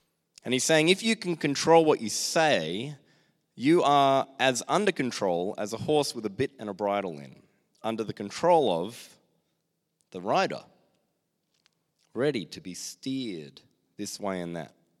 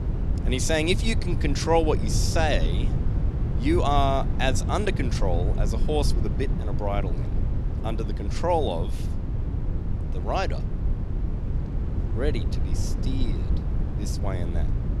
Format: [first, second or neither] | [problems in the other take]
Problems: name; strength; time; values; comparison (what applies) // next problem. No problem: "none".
first | low rumble; noticeable; throughout; 10 dB below the speech